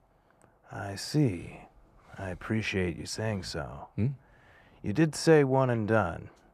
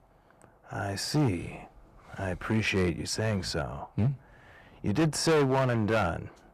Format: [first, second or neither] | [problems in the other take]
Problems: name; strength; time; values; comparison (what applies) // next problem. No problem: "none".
first | distortion; heavy; 6% of the sound clipped